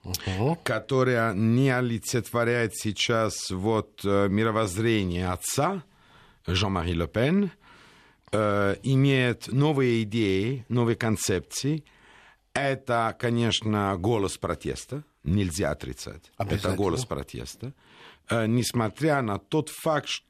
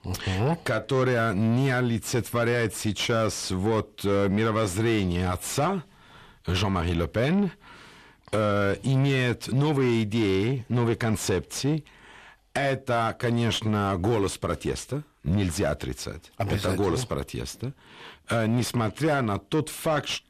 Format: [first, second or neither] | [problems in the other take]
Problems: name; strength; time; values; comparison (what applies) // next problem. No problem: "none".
first | distortion; slight; 10 dB below the speech